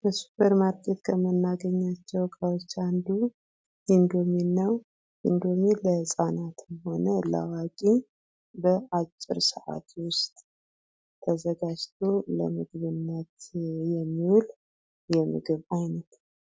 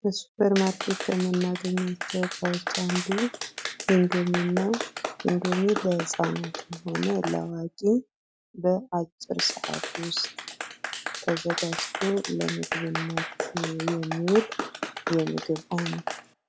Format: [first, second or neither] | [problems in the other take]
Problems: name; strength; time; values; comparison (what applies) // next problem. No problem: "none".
first | background sound (Clapping); 7 dB below the speech